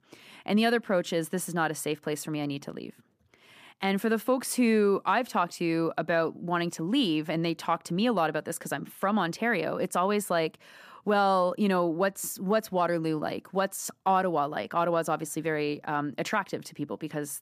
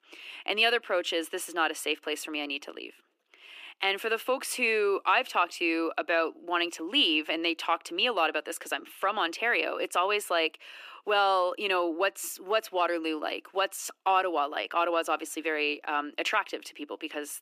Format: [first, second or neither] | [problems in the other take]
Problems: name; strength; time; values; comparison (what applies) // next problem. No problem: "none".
first | thin; somewhat; fading below 300 Hz